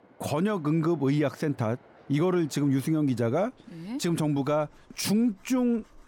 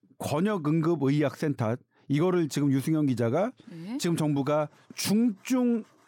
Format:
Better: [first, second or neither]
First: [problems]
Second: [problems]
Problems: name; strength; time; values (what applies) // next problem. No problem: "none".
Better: second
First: train or aircraft noise; faint; throughout; 30 dB below the speech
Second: none